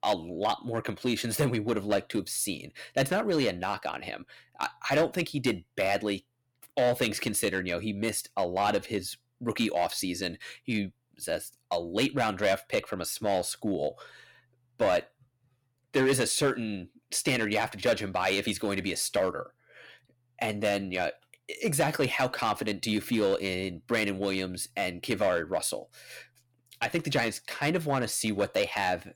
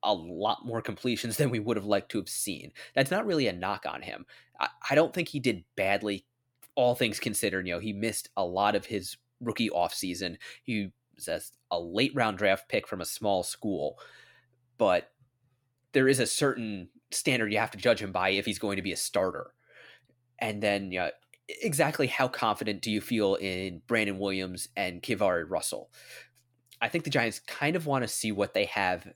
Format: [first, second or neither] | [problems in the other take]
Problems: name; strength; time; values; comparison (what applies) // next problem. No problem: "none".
second | distortion; slight; 3% of the sound clipped